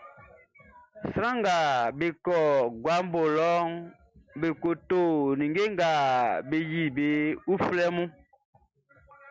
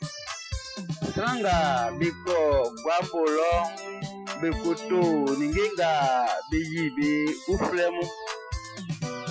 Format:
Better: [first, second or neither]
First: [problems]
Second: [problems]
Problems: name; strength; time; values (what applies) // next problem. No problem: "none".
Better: first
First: none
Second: noise reduction (classical method Wiener filter)